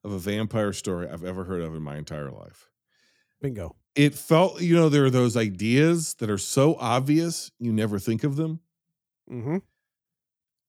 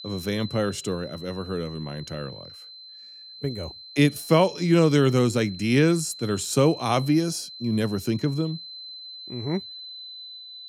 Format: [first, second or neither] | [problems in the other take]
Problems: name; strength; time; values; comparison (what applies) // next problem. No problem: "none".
first | high-pitched whine; noticeable; throughout; 4 kHz, 15 dB below the speech